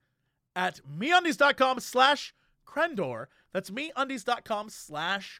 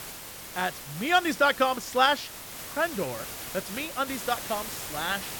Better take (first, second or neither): first